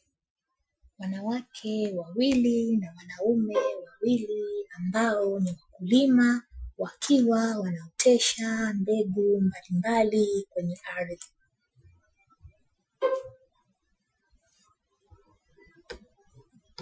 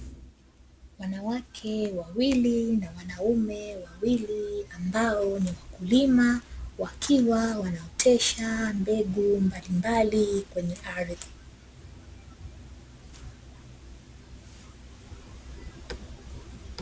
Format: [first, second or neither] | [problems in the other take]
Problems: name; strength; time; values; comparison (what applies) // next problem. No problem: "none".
second | noise reduction (classical method Wiener filter)